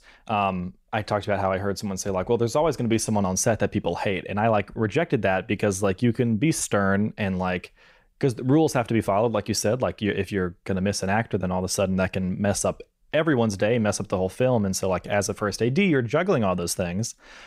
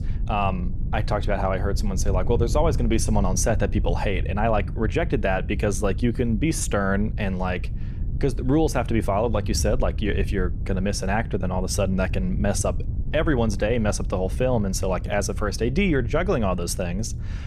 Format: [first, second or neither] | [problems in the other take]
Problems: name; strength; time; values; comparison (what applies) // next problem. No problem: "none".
first | wind noise on the microphone; occasional gusts; 20 dB below the speech